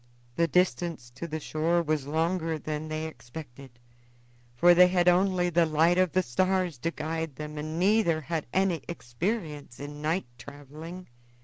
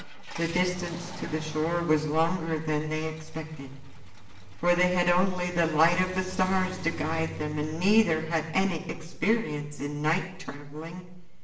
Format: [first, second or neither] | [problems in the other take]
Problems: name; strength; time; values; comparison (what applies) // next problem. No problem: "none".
first | background sound (Car); 17 dB below the speech // room echo; dies away in 0.8 s